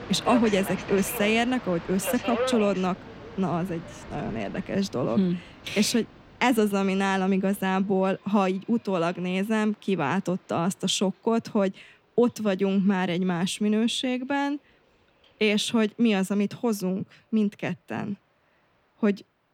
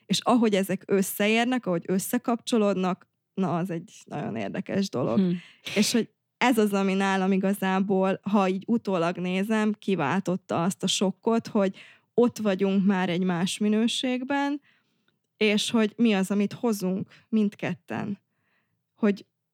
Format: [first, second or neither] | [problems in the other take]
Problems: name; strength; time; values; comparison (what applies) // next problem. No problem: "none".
second | train or aircraft noise; noticeable; throughout; 10 dB below the speech